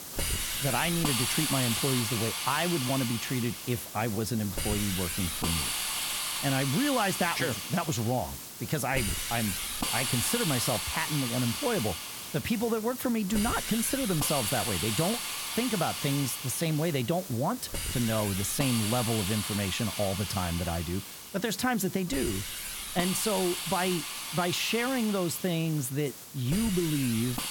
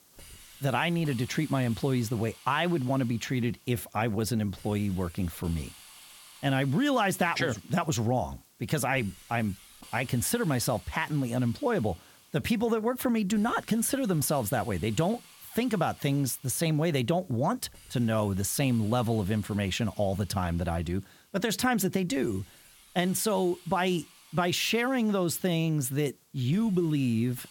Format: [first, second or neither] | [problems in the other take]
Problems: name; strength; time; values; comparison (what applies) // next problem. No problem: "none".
second | hiss; loud; throughout; 2 dB below the speech; faint in the second